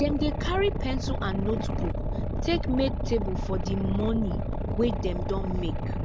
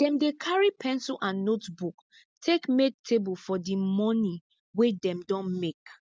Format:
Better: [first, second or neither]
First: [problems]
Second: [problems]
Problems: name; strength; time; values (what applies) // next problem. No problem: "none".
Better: second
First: background sound (Boat, Water vehicle); 1 dB above the speech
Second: none